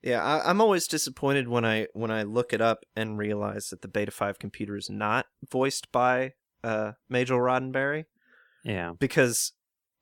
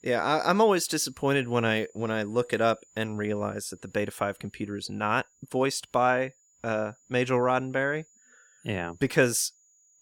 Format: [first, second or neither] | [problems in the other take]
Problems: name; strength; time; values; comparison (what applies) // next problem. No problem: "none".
first | high-pitched whine; faint; throughout; 7 kHz, 30 dB below the speech